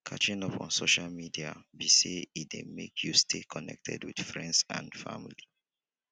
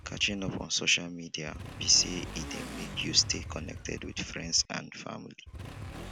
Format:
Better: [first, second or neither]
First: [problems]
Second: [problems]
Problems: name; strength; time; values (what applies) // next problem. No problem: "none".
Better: first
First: none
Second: background sound (Motorcycle / Accelerating, revving, vroom); 11 dB below the speech